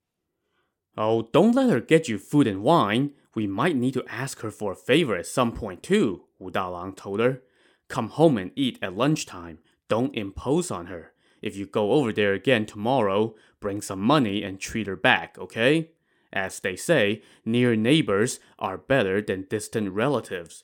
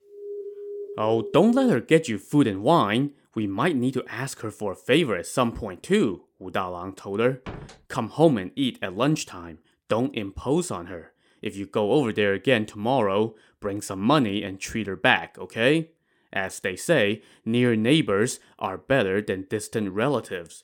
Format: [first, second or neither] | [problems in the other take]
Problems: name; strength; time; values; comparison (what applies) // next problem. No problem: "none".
first | alarm; faint; until 1.5 s; peak 10 dB below the speech // door banging; faint; at 7.5 s; peak 15 dB below the speech